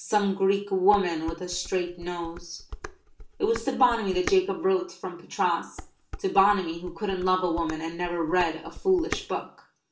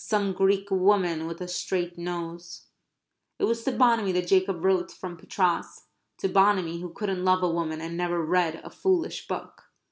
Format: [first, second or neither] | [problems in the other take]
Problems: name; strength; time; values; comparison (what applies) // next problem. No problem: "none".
second | background sound (Dishes, pots, and pans); 14 dB below the speech // room echo; dies away in 0.3 s